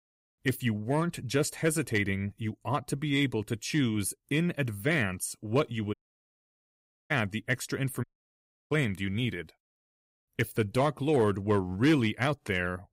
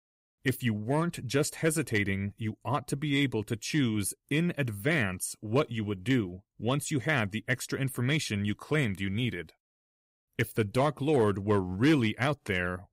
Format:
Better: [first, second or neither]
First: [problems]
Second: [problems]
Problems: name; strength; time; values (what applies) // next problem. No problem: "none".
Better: second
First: audio cutting out; at 6 s for 1 s and at 8 s for 0.5 s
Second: none